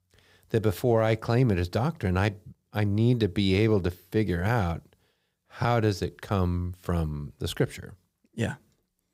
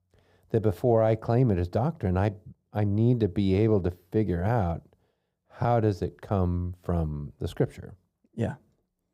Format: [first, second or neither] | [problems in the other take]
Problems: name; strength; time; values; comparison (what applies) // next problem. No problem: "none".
first | muffled; slightly; fading above 1.5 kHz